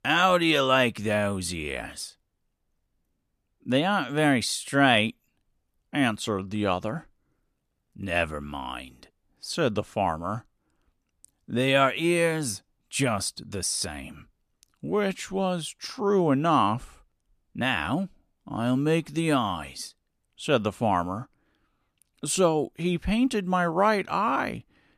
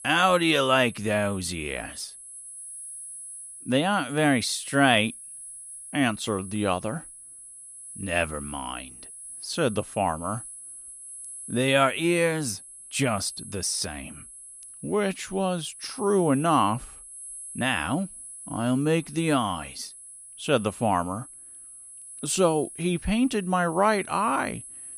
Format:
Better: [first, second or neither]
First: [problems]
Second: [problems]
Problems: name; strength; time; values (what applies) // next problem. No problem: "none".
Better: first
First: none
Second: high-pitched whine; noticeable; throughout; 10.5 kHz, 15 dB below the speech